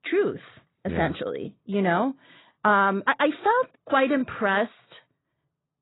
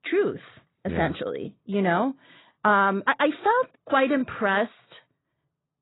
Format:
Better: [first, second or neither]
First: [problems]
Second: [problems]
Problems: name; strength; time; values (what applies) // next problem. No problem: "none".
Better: neither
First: garbled, watery; badly; nothing above 4 kHz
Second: garbled, watery; badly; nothing above 4 kHz